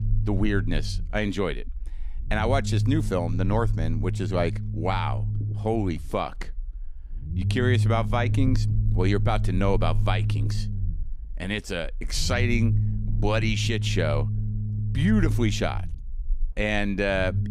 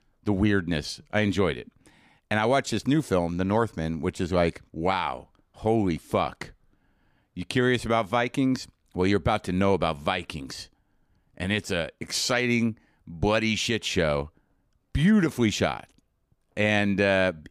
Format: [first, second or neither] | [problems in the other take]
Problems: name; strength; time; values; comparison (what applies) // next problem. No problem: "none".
second | low rumble; noticeable; throughout; 15 dB below the speech